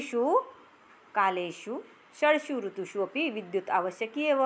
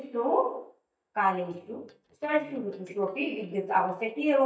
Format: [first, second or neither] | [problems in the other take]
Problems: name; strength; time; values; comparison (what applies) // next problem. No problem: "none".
first | noise reduction (neural mask model DeepFilterNet 3)